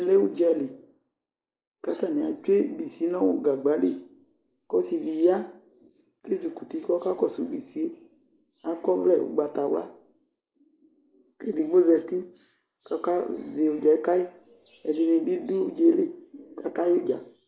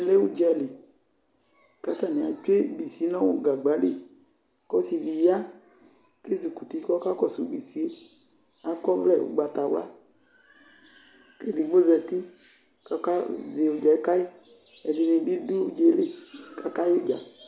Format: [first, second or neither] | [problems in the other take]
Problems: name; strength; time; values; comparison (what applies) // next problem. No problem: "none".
second | noise reduction (neural mask model Resemble Enhance denoiser)